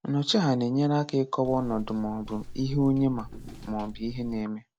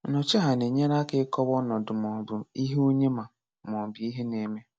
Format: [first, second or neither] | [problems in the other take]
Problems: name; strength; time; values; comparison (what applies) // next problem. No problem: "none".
second | background sound (Walk, footsteps); 13 dB below the speech